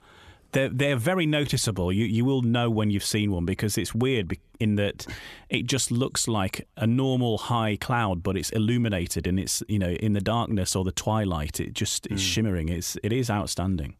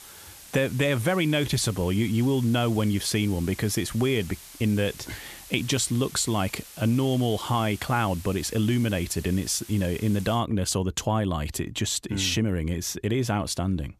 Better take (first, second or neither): first